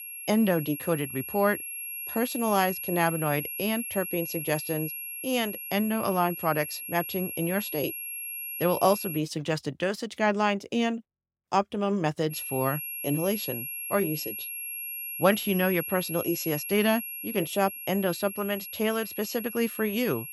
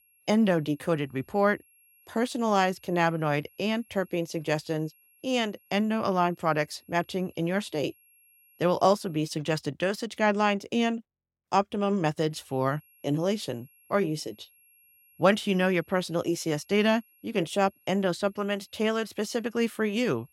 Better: second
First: high-pitched whine; loud; until 9 s and from 12 s on; 11.5 kHz, 6 dB below the speech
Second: high-pitched whine; faint; until 9 s and from 12 s on; 11.5 kHz, 30 dB below the speech

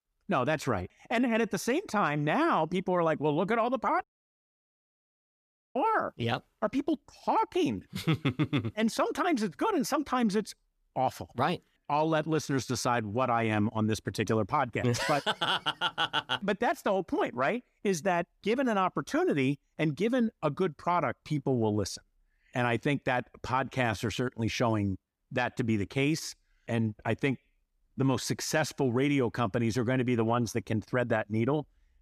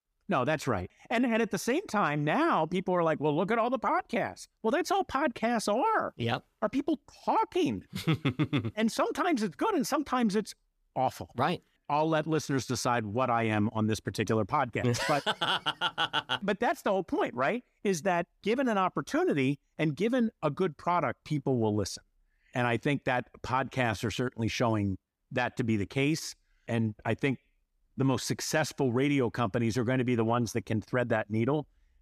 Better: second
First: audio cutting out; at 4 s for 1.5 s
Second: none

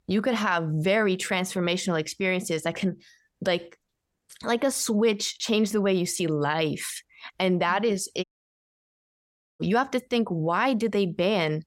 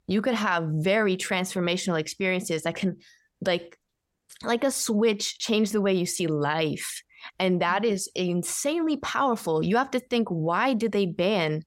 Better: second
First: audio cutting out; at 8 s for 1.5 s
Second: none

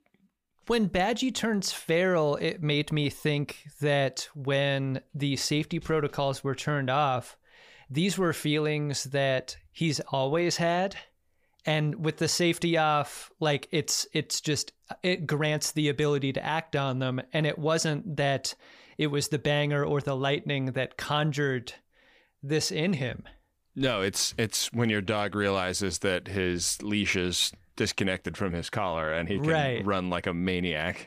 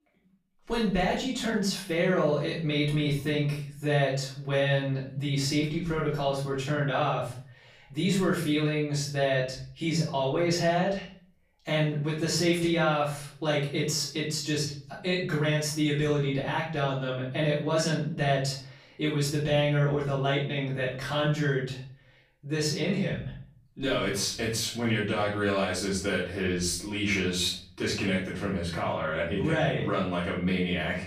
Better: first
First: none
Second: off-mic speech; far // room echo; noticeable; dies away in 0.5 s

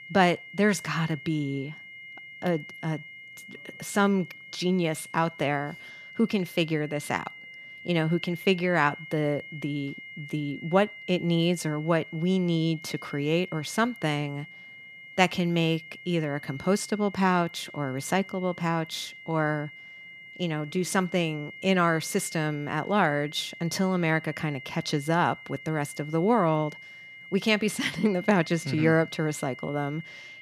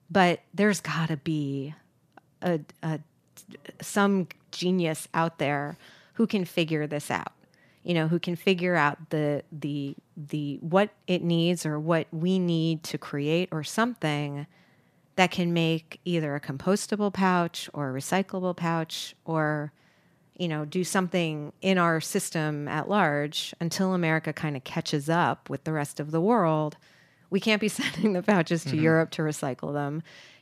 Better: second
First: high-pitched whine; noticeable; throughout; 2 kHz, 15 dB below the speech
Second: none

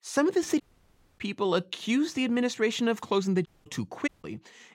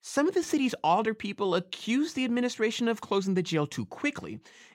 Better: second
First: audio cutting out; at 0.5 s for 0.5 s, at 3.5 s and at 4 s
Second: none

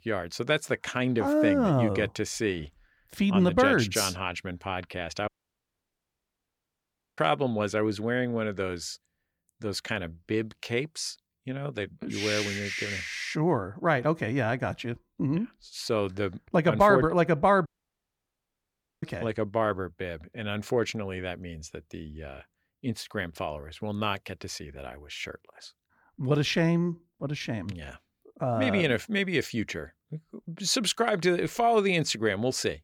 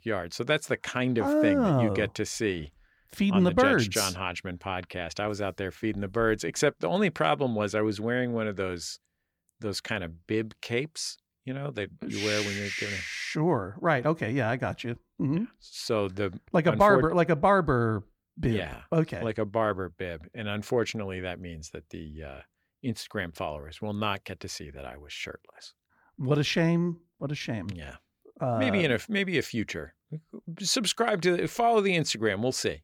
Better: second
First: audio cutting out; at 5.5 s for 2 s and at 18 s for 1.5 s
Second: none

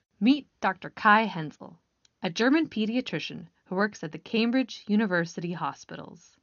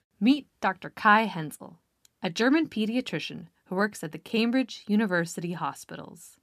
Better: second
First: garbled, watery; slightly; nothing above 6.5 kHz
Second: none

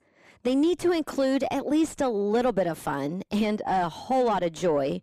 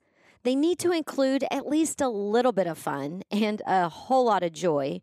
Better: second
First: distortion; slight; 10 dB below the speech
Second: none

